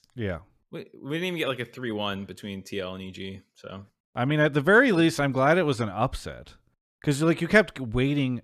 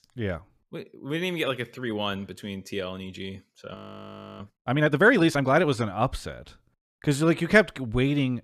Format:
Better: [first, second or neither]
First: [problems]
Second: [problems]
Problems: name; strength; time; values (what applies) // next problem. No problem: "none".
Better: first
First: none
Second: audio freezing; at 4 s for 0.5 s